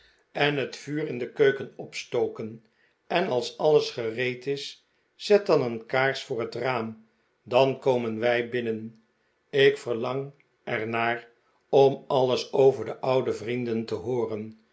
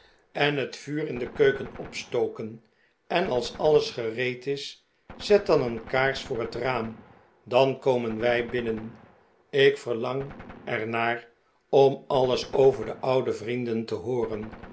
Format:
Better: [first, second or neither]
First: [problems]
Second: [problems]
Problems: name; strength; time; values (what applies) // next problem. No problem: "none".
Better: first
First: none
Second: background sound (Gunshot, gunfire); 20 dB below the speech